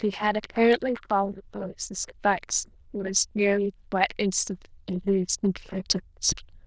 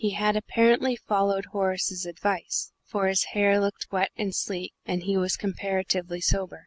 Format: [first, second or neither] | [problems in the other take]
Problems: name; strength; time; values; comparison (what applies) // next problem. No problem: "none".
second | noise reduction (neural diffusion model UNIVERSE++)